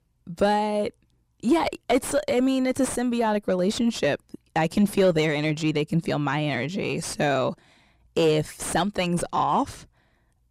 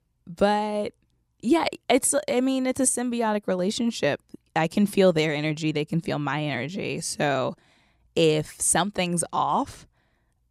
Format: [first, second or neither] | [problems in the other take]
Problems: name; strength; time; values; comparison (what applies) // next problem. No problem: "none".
second | distortion; slight; 9 dB below the speech